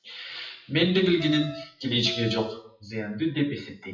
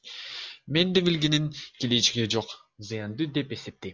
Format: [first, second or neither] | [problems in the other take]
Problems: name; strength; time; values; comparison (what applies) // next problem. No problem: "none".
second | noise reduction (classical method WPE with log-MMSE)